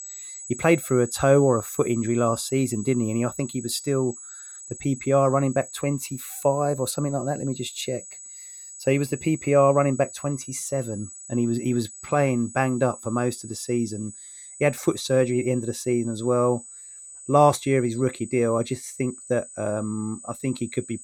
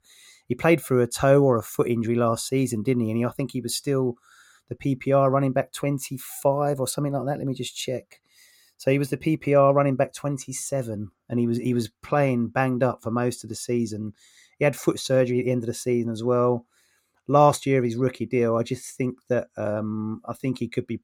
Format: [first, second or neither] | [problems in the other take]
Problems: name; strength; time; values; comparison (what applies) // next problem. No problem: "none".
second | high-pitched whine; noticeable; throughout; 8 kHz, 15 dB below the speech